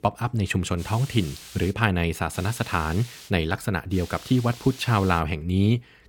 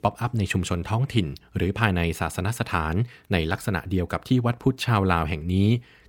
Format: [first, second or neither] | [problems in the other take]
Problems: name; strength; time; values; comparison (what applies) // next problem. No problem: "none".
second | hiss; noticeable; at 1 s, at 2.5 s and from 4 to 5 s; 15 dB below the speech